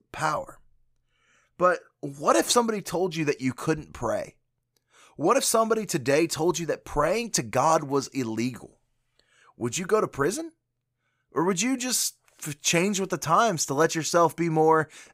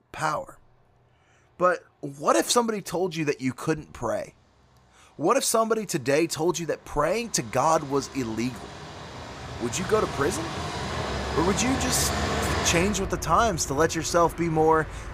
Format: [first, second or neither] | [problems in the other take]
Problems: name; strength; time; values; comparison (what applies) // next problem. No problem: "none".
first | traffic noise; loud; throughout; 7 dB below the speech